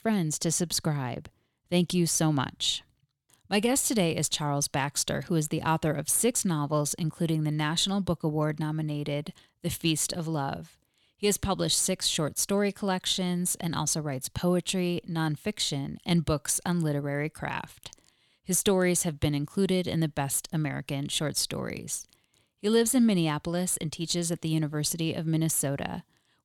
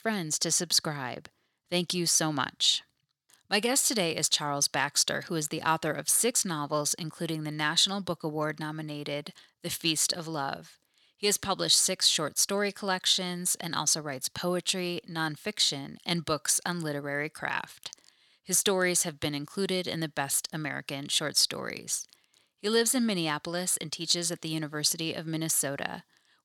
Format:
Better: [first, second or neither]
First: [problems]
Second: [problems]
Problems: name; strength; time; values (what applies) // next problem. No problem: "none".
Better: first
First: none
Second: thin; very slightly; fading below 400 Hz